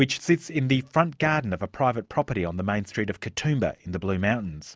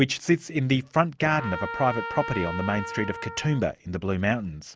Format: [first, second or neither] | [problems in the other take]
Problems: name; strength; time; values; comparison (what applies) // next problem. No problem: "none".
first | background sound (Trumpet); 9 dB below the speech